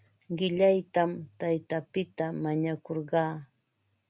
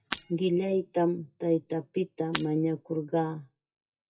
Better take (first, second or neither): first